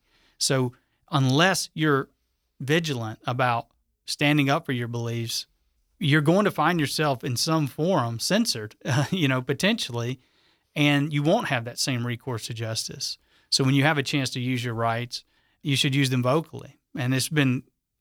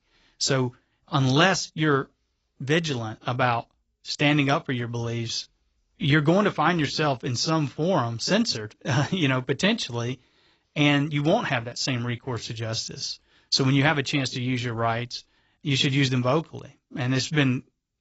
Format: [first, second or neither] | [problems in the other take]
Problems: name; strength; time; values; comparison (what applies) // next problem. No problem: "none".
first | garbled, watery; badly; nothing above 7.5 kHz